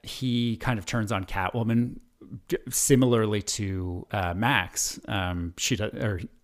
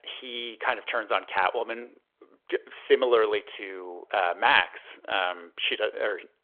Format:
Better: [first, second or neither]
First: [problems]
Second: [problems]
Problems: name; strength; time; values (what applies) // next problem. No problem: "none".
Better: first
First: none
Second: phone-call audio